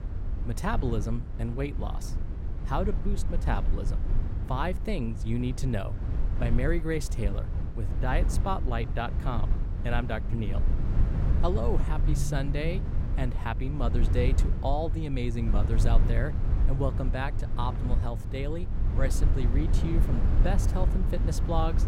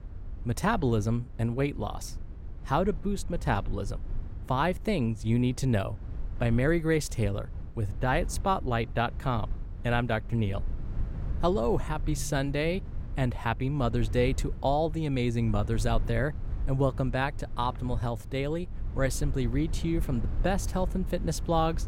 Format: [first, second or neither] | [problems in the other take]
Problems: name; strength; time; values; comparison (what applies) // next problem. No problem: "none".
second | low rumble; loud; throughout; 9 dB below the speech; faint in the second